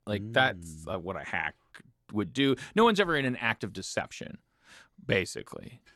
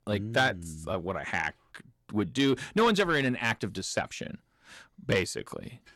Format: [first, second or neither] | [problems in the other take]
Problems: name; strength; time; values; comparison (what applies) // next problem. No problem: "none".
first | distortion; slight; 10 dB below the speech